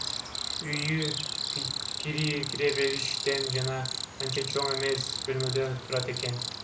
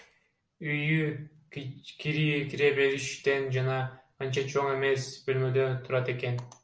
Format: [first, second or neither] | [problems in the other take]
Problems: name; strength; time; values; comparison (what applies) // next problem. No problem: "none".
second | background sound (Cricket); 2 dB below the speech